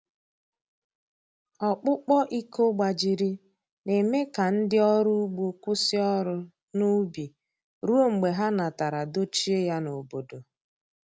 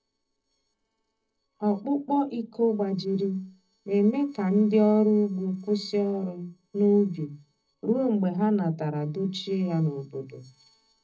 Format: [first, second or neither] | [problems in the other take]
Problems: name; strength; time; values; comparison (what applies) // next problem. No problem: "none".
first | noise reduction (neural separator model SepFormer DNS4)